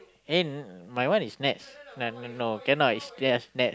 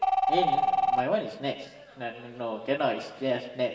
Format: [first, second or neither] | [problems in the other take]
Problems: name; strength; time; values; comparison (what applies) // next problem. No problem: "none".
first | background sound (Telephone); 1 dB above the speech // room echo; dies away in 1.2 s